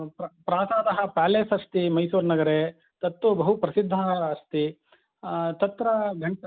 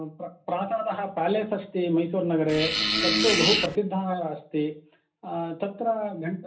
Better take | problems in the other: first | background sound (Fart); 3 dB above the speech // room echo; dies away in 0.3 s

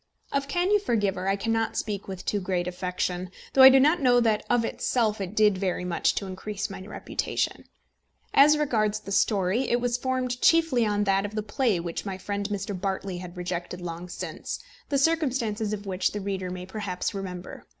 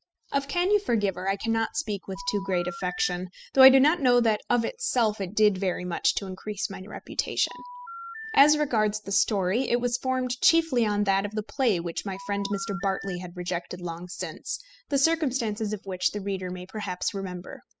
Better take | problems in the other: first | noise reduction (classical method spectral subtraction)

